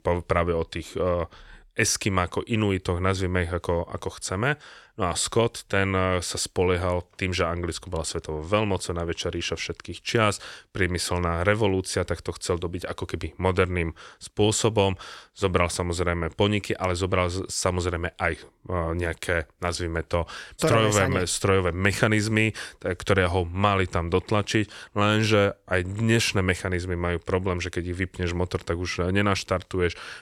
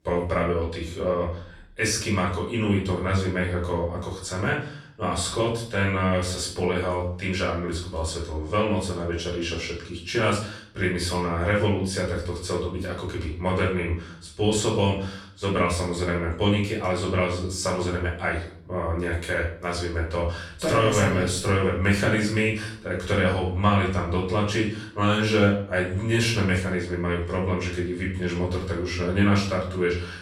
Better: first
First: none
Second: off-mic speech; far // room echo; noticeable; dies away in 0.5 s

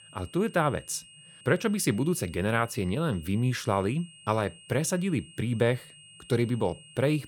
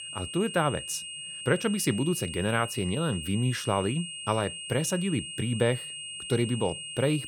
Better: first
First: high-pitched whine; faint; throughout; 3 kHz, 20 dB below the speech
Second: high-pitched whine; loud; throughout; 3 kHz, 7 dB below the speech

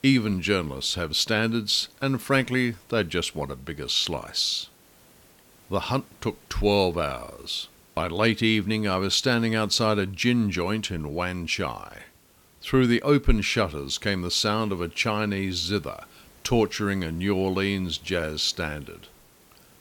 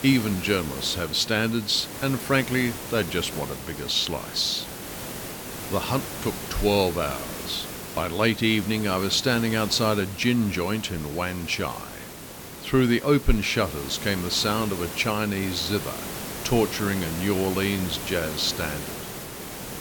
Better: first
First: hiss; faint; throughout; 30 dB below the speech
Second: hiss; loud; throughout; 9 dB below the speech

